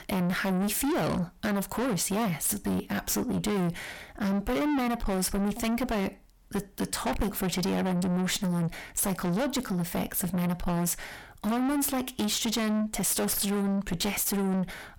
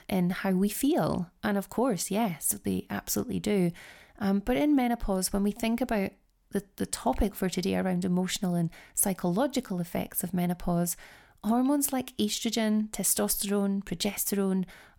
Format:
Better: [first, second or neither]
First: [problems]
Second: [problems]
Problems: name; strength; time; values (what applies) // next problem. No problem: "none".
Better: second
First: distortion; heavy; 6 dB below the speech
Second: none